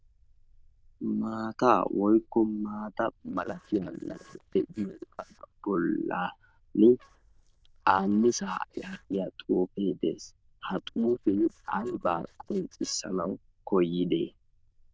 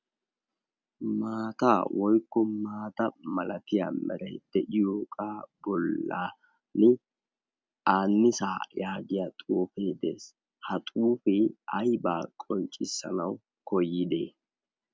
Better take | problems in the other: second | noise reduction (neural diffusion model UNIVERSE++)

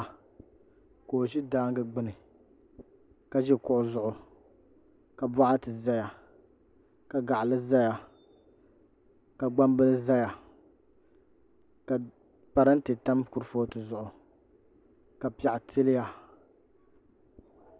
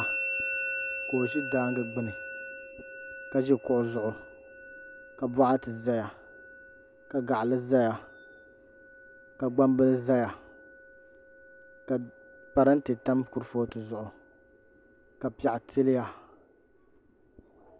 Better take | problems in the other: first | background sound (Musical instrument); 12 dB below the speech

